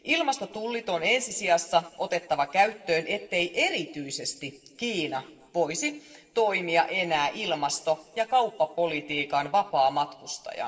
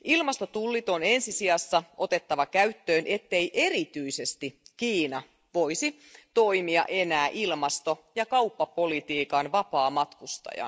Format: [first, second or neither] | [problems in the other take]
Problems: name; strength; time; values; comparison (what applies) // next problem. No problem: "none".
second | room echo; dies away in 1.8 s